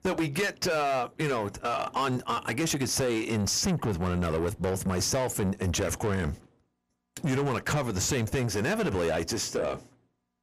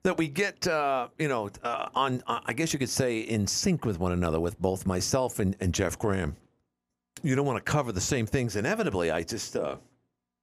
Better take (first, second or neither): second